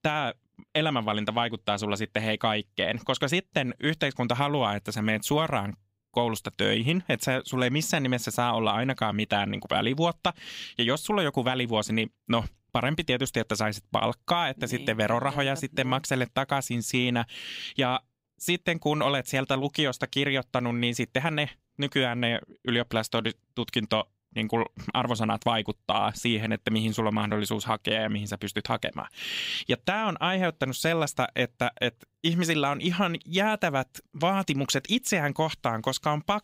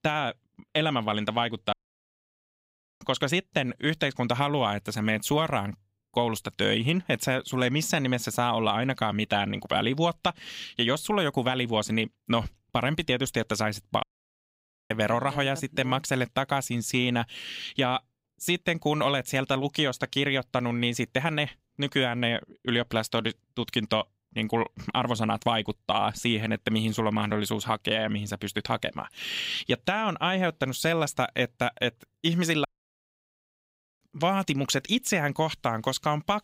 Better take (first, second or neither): first